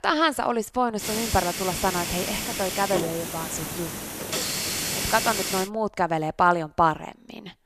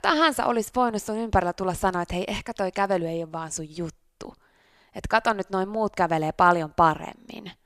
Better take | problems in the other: second | hiss; loud; from 1 to 5.5 s; 2 dB below the speech

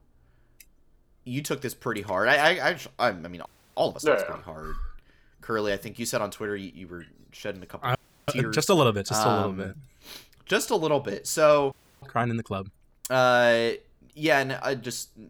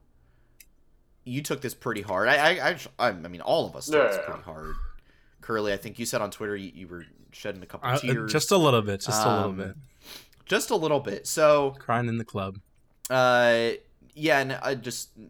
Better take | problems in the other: second | audio freezing; at 3.5 s, at 8 s and at 12 s

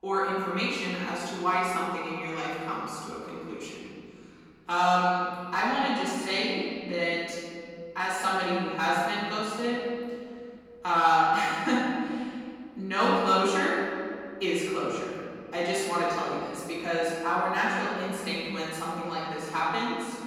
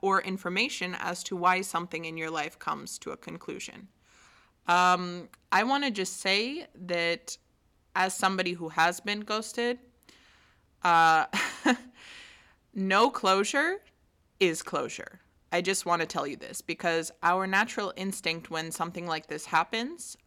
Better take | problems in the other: second | off-mic speech; far // room echo; strong; dies away in 2.3 s

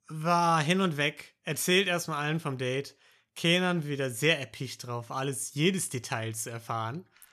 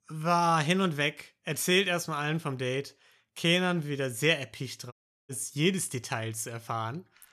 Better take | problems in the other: first | audio cutting out; at 5 s

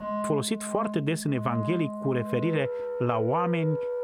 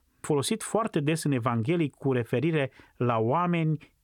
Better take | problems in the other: second | background music; loud; throughout; 5 dB below the speech

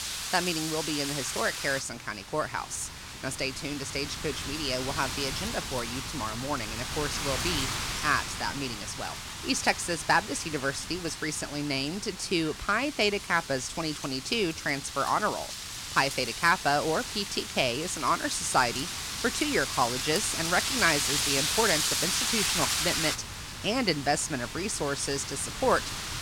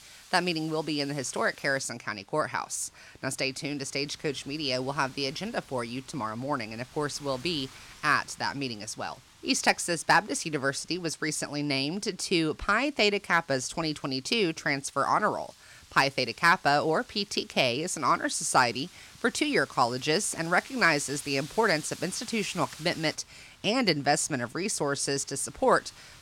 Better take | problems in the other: second | wind noise on the microphone; heavy; 4 dB below the speech; occasional gusts in the second

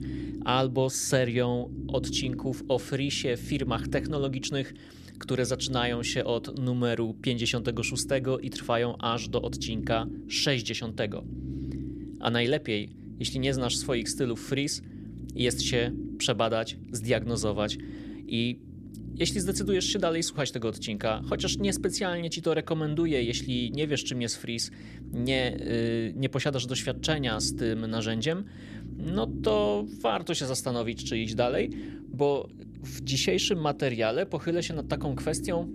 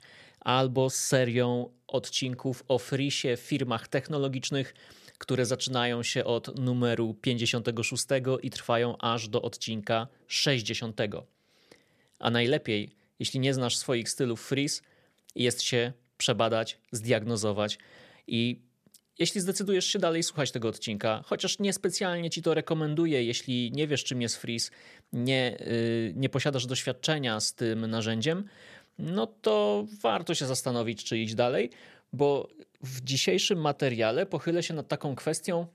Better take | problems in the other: second | low rumble; noticeable; throughout; 15 dB below the speech

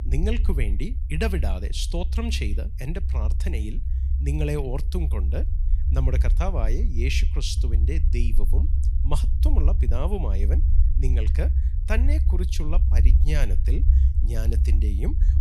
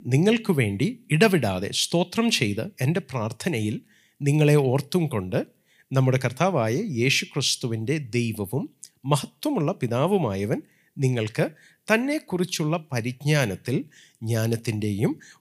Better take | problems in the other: second | low rumble; loud; throughout; 9 dB below the speech

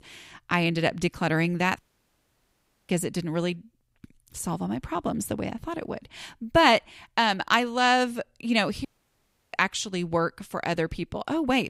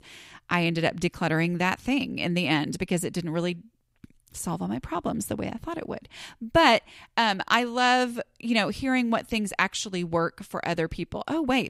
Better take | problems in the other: second | audio cutting out; at 2 s for 1 s and at 9 s for 0.5 s

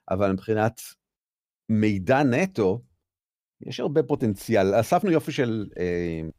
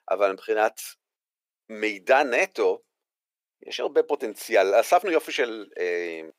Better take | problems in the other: first | thin; very; fading below 400 Hz

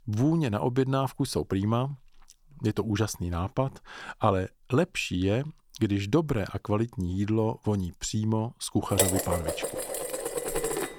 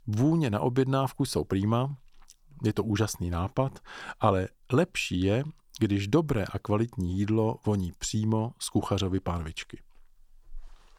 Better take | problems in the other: second | clattering dishes; loud; from 9 s on; peak 4 dB above the speech

